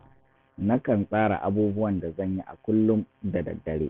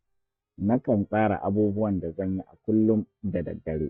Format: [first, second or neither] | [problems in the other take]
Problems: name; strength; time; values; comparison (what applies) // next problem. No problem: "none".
first | noise reduction (neural mask model DeepFilterNet 3)